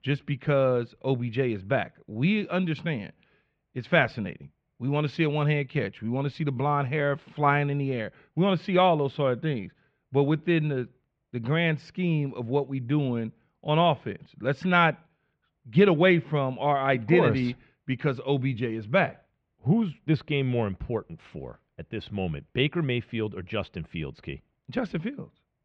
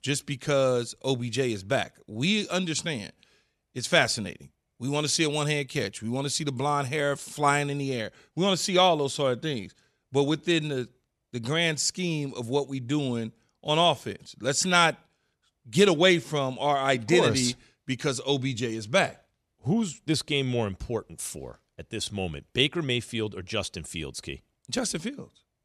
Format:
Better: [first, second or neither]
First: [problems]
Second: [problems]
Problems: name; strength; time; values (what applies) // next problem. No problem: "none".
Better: second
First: muffled; very; fading above 2.5 kHz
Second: none